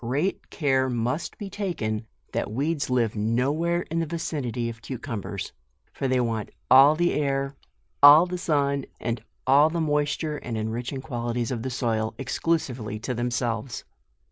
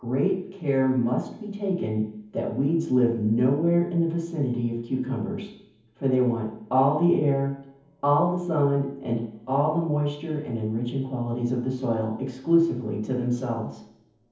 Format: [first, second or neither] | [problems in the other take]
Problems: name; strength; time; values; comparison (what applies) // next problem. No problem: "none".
first | room echo; dies away in 0.7 s